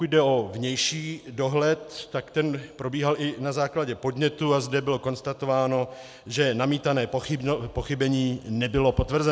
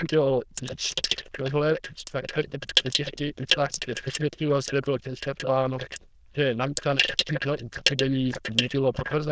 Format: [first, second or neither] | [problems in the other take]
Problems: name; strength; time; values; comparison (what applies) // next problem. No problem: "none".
first | noise reduction (neural diffusion model UNIVERSE++)